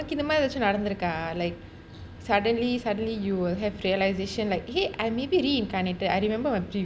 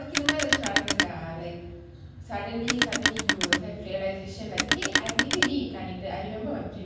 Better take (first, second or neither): first